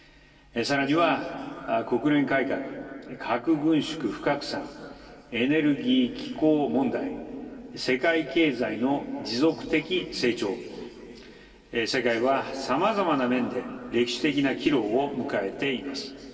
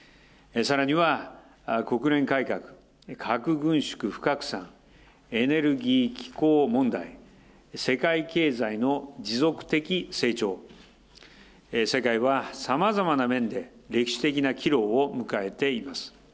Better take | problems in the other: second | room echo; dies away in 3 s

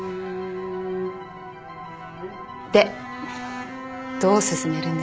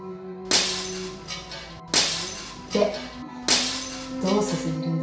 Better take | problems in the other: first | background sound (Shatter); 1 dB above the speech // room echo; dies away in 0.6 s

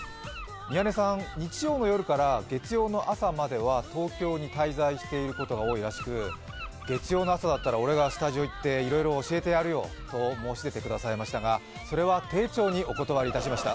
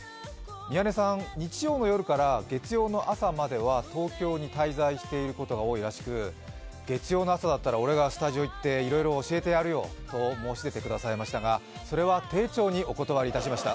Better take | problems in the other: second | background sound (Gull, seagull / Wind); 17 dB below the speech

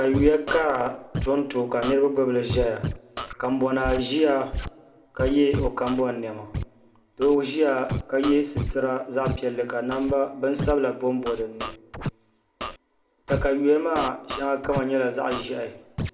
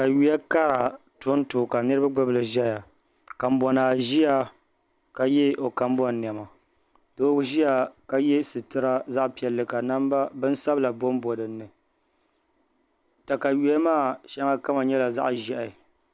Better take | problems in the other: second | background sound (Scratching (performance technique)); 9 dB below the speech // room echo; dies away in 0.7 s

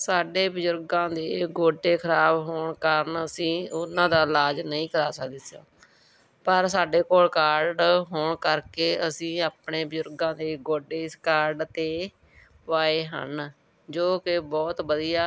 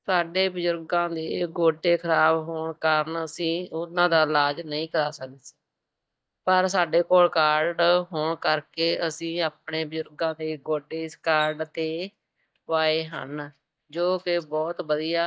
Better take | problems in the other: first | noise reduction (neural mask model DeepFilterNet 3)

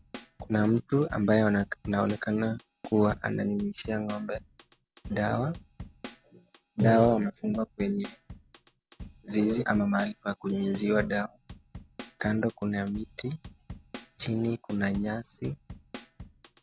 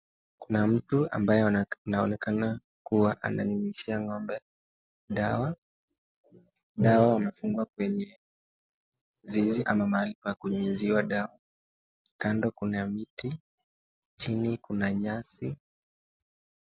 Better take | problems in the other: second | background sound (Drum kit); 18 dB below the speech

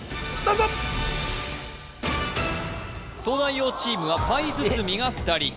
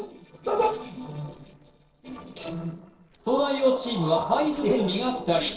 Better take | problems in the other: first | noise reduction (neural separator model SepFormer DNS4)

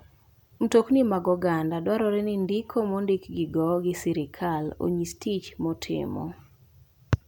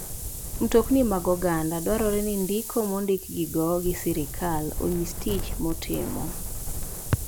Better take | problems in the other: first | background sound (Wind); 6 dB below the speech

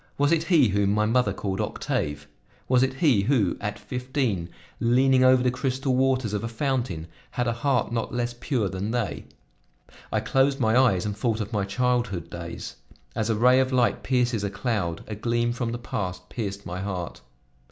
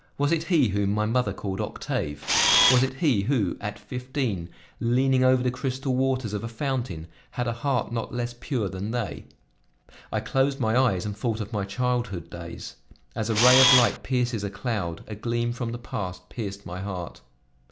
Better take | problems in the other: first | background sound (Camera); 4 dB above the speech

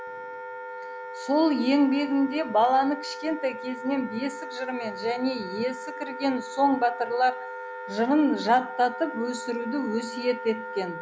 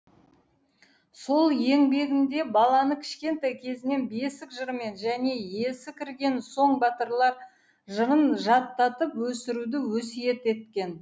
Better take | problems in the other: second | background sound (Wind instrument, woodwind instrument); 10 dB below the speech

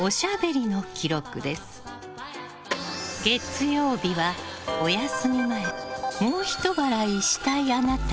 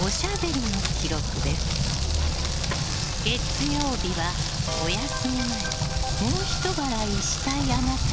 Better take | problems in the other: first | background sound (Rain + Motor vehicle (road)); 4 dB above the speech

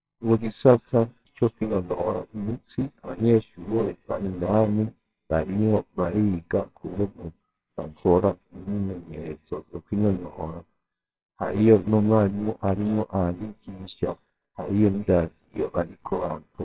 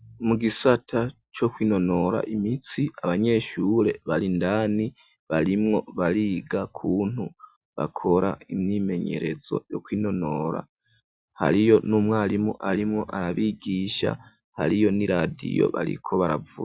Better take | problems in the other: second | noise reduction (neural separator model SepFormer WHAMR!)

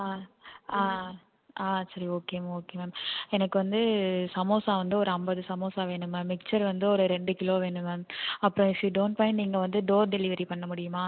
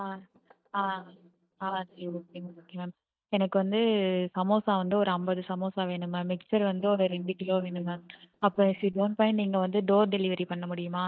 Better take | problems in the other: first | noise reduction (neural mask model DeepFilterNet 3)

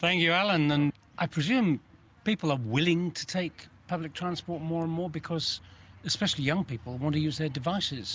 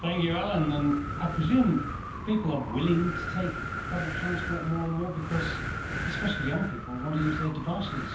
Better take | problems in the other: first | background sound (Wind); 5 dB below the speech // room echo; dies away in 0.5 s

